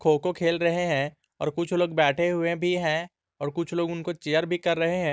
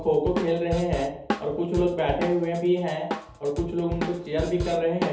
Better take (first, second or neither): first